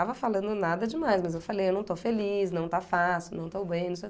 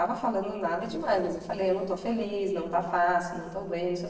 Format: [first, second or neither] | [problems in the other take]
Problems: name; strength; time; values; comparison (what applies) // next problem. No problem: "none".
first | noise reduction (neural separator model SepFormer DNS4)